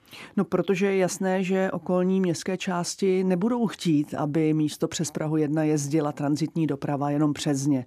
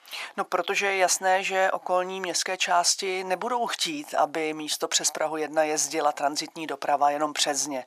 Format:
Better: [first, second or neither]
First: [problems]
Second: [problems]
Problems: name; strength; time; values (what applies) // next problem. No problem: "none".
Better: first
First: none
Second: thin; very; fading below 900 Hz